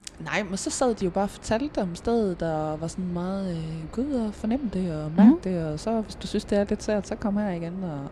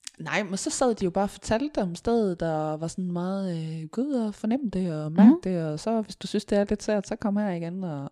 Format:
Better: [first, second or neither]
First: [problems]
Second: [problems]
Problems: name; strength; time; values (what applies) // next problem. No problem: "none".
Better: second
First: train or aircraft noise; noticeable; throughout; 20 dB below the speech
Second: none